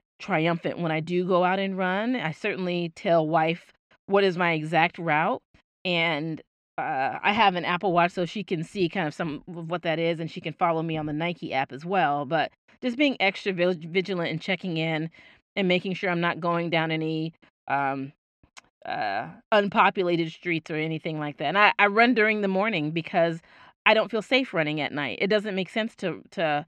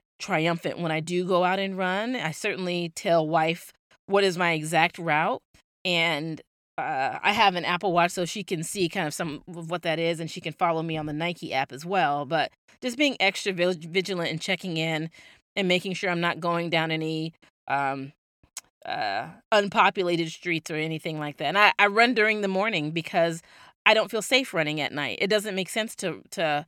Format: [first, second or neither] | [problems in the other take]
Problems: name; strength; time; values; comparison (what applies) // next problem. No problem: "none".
second | muffled; slightly; fading above 3 kHz